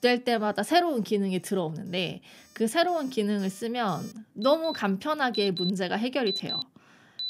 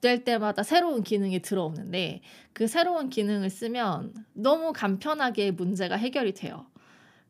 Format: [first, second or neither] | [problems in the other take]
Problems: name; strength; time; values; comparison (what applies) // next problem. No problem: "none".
second | alarms or sirens; loud; throughout; 7 dB below the speech